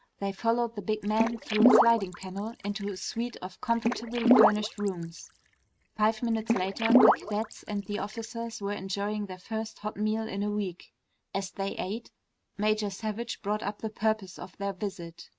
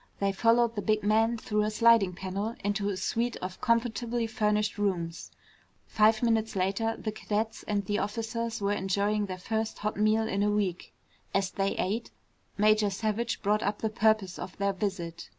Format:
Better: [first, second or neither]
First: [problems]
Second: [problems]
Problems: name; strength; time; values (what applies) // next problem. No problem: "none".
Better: second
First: noise reduction (neural mask model RNNoise)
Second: none